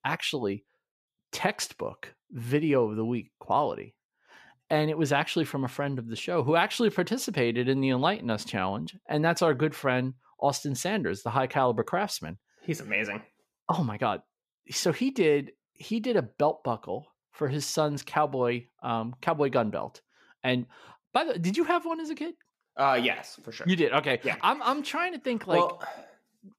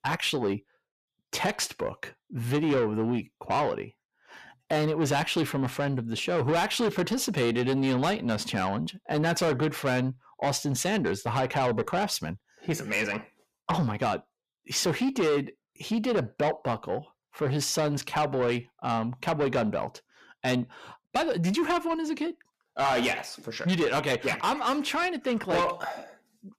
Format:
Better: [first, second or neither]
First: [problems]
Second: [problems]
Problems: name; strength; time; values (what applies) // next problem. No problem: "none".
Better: first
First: none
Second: distortion; heavy; 8 dB below the speech